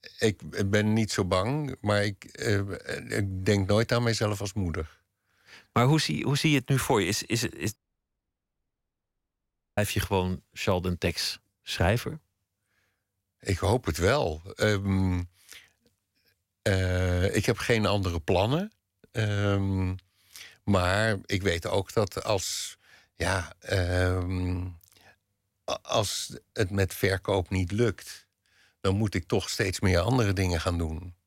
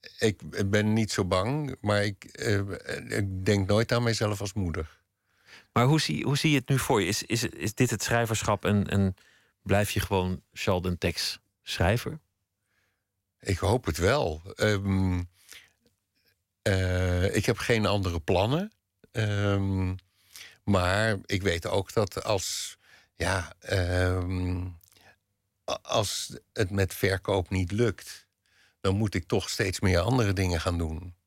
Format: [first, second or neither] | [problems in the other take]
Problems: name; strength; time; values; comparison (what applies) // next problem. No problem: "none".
second | audio cutting out; at 8 s for 2 s